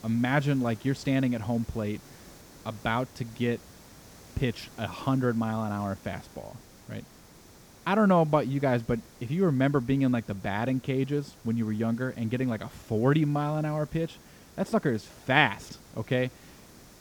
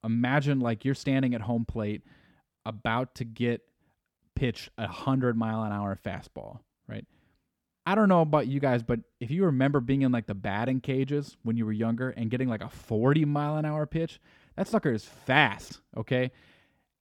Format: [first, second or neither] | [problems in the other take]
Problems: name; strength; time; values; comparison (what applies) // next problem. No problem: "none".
second | hiss; faint; throughout; 25 dB below the speech